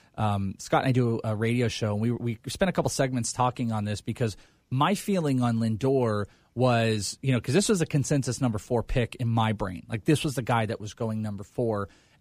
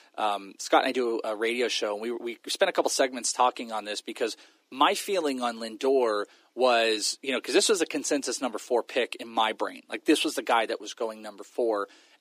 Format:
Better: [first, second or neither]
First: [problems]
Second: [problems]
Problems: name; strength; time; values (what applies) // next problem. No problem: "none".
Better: first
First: none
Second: thin; somewhat; fading below 300 Hz